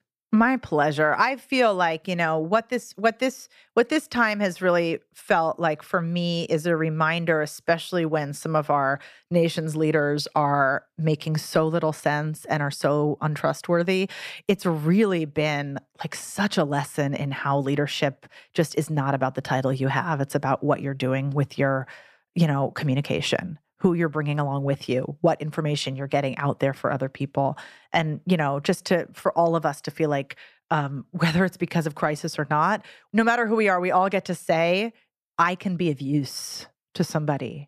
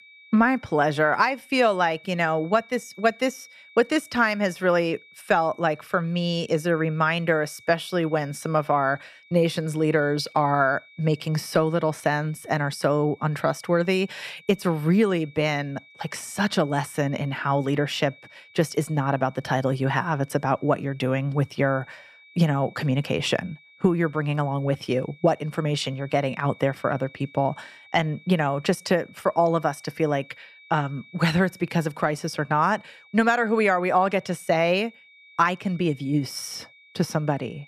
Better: first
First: none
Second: high-pitched whine; faint; throughout; 2.5 kHz, 25 dB below the speech

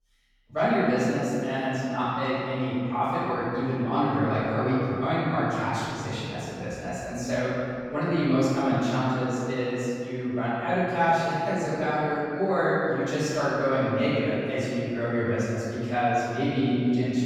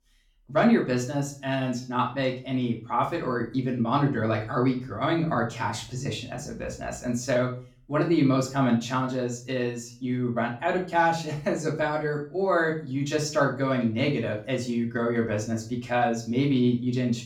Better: second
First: room echo; strong; dies away in 2.6 s // off-mic speech; far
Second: room echo; slight; dies away in 0.4 s // off-mic speech; far

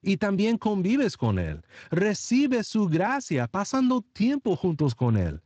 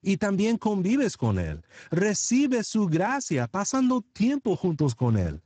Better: first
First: garbled, watery; slightly; nothing above 7.5 kHz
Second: garbled, watery; badly; nothing above 7.5 kHz

